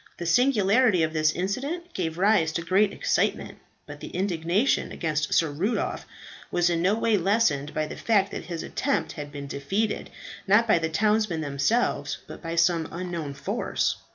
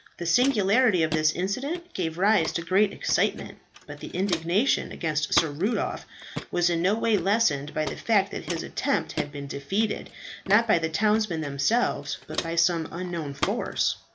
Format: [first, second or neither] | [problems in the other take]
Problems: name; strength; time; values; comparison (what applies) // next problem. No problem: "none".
first | background sound (Walk, footsteps); 13 dB below the speech